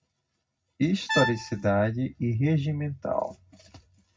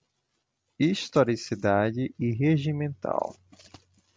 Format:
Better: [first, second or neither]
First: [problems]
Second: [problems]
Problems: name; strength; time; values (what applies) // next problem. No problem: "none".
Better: second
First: background sound (Brass instrument); 6 dB below the speech // room echo; dies away in 0.4 s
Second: none